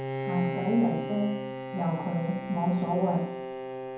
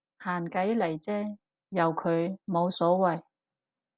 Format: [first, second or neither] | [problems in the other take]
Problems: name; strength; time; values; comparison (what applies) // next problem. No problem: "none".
second | background sound (Bowed string instrument); 6 dB below the speech // room echo; dies away in 0.9 s